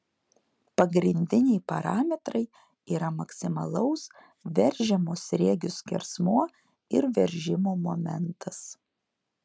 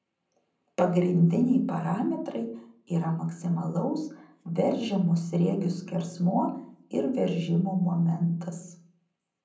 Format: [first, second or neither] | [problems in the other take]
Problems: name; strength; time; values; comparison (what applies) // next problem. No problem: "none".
first | room echo; dies away in 0.6 s